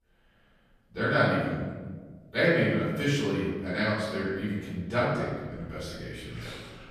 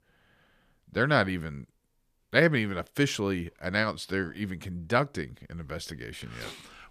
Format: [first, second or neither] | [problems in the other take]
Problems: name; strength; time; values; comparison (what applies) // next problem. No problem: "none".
second | off-mic speech; far // room echo; strong; dies away in 1.4 s